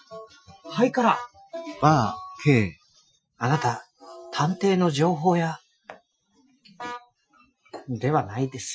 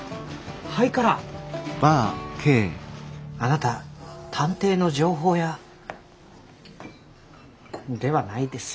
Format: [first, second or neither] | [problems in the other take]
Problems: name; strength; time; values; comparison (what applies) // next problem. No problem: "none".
second | noise reduction (classical method Wiener filter)